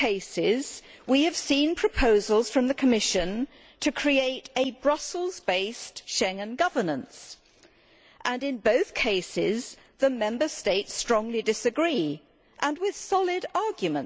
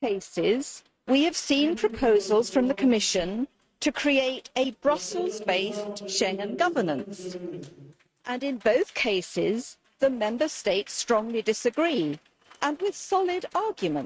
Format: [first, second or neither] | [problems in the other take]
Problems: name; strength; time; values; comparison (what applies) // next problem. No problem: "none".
first | noise reduction (neural mask model RNNoise)